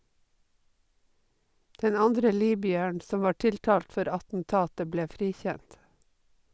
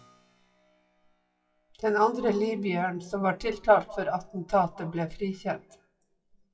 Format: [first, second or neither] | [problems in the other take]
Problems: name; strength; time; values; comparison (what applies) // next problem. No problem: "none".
first | noise reduction (classical method WPE with log-MMSE)